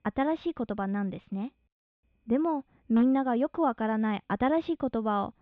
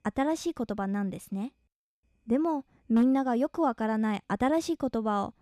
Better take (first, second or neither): second